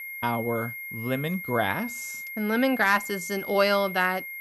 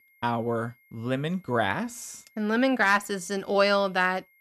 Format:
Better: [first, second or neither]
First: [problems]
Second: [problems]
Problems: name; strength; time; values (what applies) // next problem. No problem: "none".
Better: second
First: high-pitched whine; loud; throughout; 2 kHz, 9 dB below the speech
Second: high-pitched whine; faint; throughout; 2 kHz, 35 dB below the speech